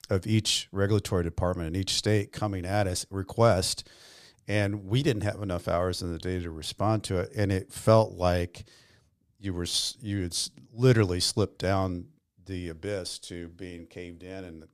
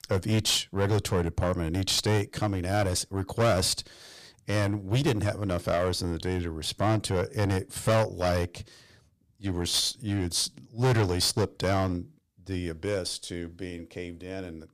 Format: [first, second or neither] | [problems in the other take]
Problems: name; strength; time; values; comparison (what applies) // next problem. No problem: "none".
first | distortion; heavy; 7% of the sound clipped